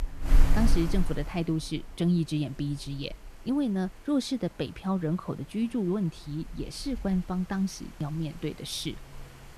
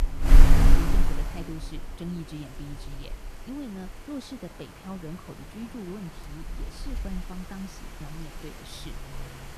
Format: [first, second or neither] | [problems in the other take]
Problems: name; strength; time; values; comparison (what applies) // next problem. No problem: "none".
first | wind noise on the microphone; heavy; 4 dB above the speech; occasional gusts in the first